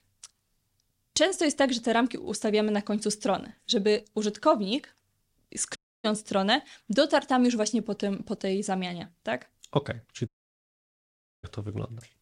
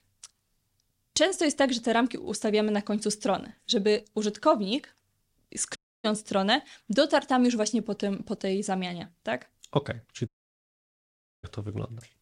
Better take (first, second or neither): neither